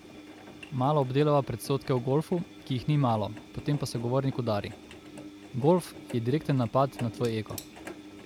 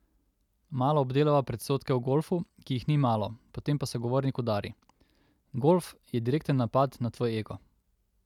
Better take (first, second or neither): second